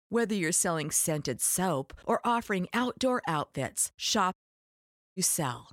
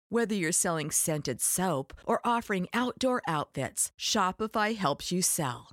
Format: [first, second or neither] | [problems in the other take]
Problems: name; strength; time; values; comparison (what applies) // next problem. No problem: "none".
second | audio cutting out; at 4.5 s for 1 s